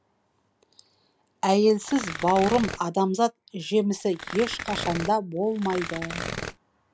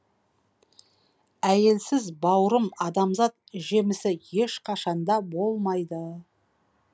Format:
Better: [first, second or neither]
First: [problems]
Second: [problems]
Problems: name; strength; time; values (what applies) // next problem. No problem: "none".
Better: second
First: background sound (Tearing); 9 dB below the speech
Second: none